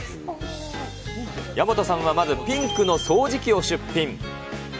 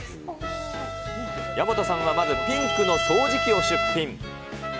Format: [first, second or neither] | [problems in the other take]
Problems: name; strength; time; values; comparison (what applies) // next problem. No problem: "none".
first | background sound (Trumpet); 1 dB below the speech